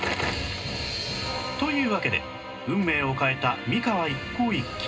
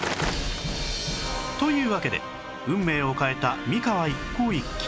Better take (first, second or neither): second